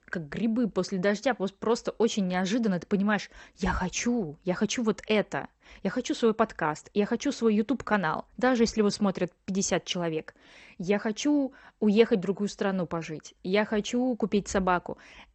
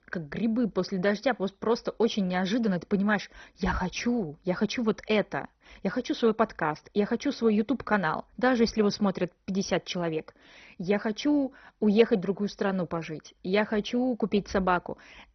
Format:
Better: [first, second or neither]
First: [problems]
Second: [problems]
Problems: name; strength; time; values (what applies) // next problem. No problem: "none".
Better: first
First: garbled, watery; slightly; nothing above 7.5 kHz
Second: garbled, watery; badly; nothing above 6 kHz